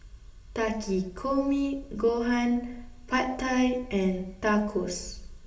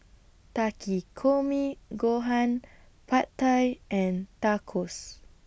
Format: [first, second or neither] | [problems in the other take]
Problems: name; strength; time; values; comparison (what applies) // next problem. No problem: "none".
second | room echo; dies away in 0.6 s